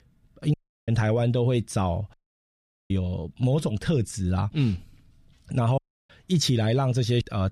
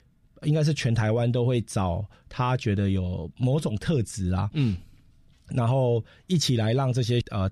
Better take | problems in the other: second | audio cutting out; at 0.5 s, at 2 s for 1 s and at 6 s

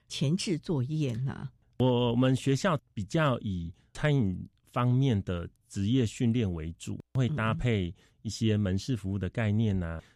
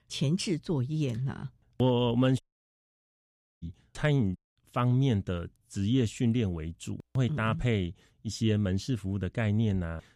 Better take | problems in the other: first | audio cutting out; at 2.5 s for 1 s and at 4.5 s

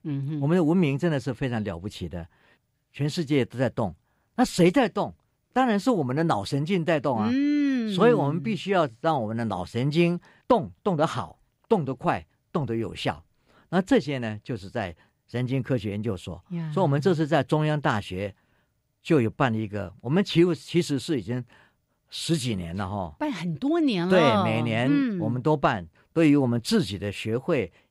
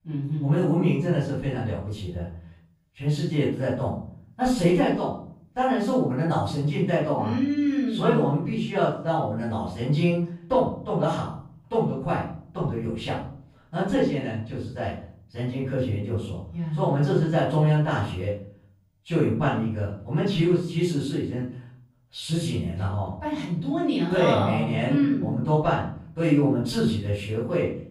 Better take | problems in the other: first | room echo; noticeable; dies away in 0.5 s // off-mic speech; far

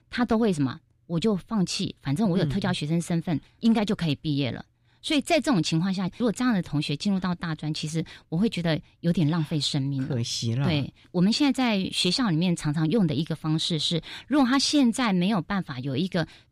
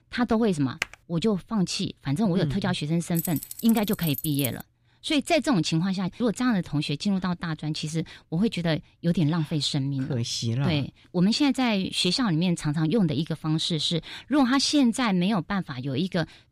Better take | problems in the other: first | keyboard typing; very faint; at 1 s; peak 7 dB below the speech // jangling keys; noticeable; from 3 to 4.5 s; peak 6 dB below the speech

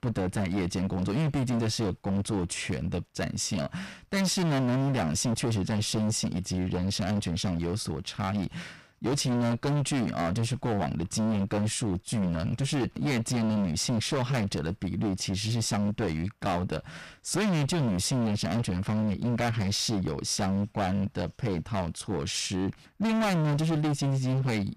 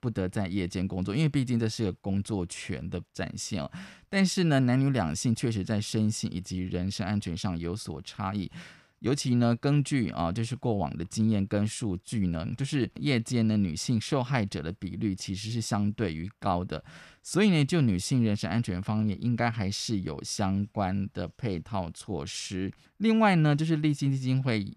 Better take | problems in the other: second | distortion; heavy; 25% of the sound clipped

